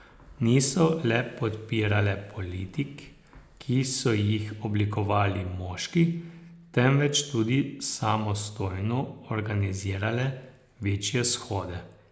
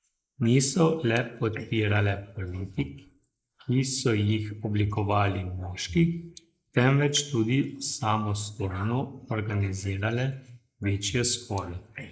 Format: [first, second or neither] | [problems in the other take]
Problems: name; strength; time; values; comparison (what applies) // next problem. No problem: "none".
first | noise reduction (neural mask model Resemble Enhance denoiser)